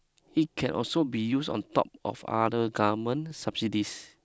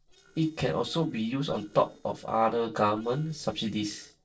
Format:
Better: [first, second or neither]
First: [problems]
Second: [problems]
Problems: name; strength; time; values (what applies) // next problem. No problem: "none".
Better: first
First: none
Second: noise reduction (neural separator model SepFormer DNS4)